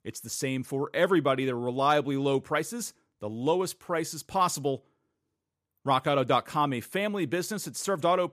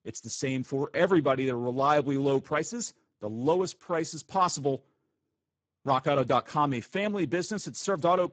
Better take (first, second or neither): first